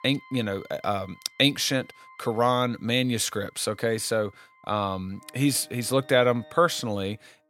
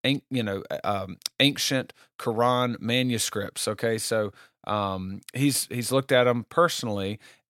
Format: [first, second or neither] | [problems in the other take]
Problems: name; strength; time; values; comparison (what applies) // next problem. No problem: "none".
second | background music; faint; throughout; 25 dB below the speech